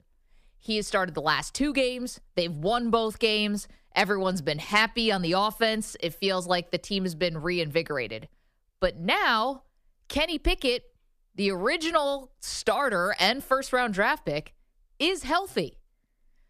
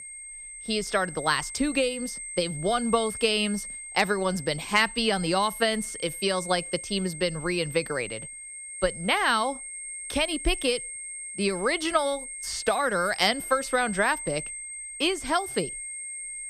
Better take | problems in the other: first | high-pitched whine; loud; throughout; 8.5 kHz, 9 dB below the speech

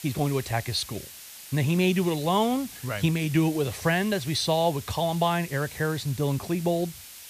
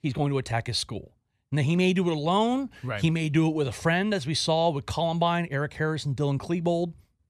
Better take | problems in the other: second | hiss; noticeable; throughout; 15 dB below the speech

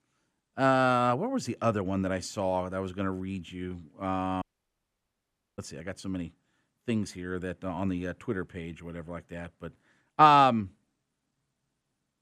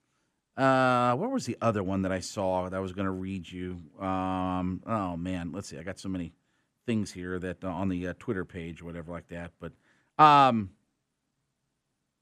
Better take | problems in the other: second | audio cutting out; at 4.5 s for 1 s

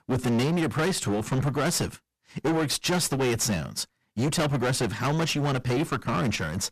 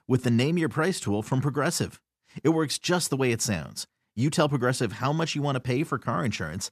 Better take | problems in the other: second | distortion; heavy; 23% of the sound clipped

